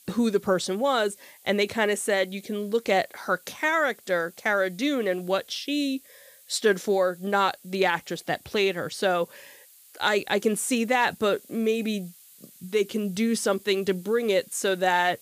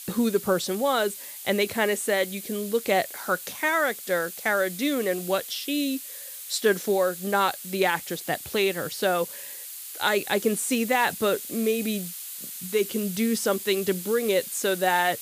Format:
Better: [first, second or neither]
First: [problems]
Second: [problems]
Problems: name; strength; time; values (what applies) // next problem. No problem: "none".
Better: first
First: hiss; faint; throughout; 25 dB below the speech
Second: hiss; loud; throughout; 10 dB below the speech